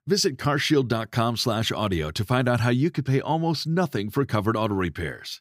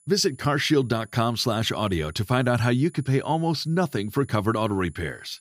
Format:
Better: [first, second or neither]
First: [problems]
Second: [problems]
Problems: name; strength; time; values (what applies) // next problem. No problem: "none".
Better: first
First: none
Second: high-pitched whine; faint; throughout; 10 kHz, 30 dB below the speech